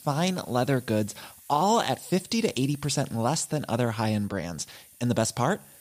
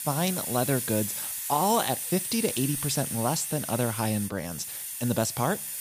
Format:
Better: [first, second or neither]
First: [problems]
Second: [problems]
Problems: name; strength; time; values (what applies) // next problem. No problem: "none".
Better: first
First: hiss; faint; throughout; 20 dB below the speech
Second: hiss; loud; throughout; 3 dB below the speech